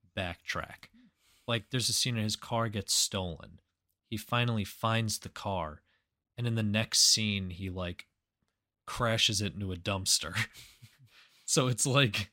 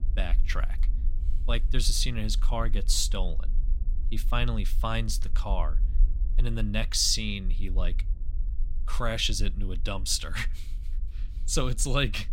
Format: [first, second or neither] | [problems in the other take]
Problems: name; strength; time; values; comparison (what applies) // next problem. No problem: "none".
first | low rumble; faint; throughout; 25 dB below the speech